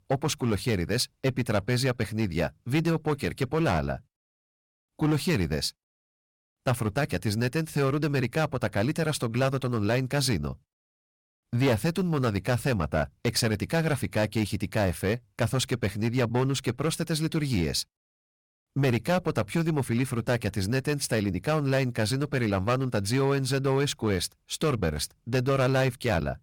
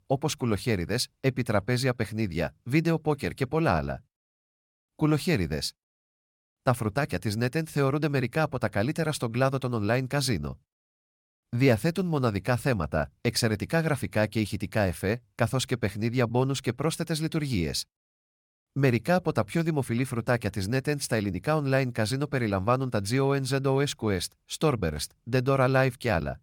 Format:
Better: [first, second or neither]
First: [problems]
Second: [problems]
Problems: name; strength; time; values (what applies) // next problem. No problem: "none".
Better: second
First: distortion; slight; 6% of the sound clipped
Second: none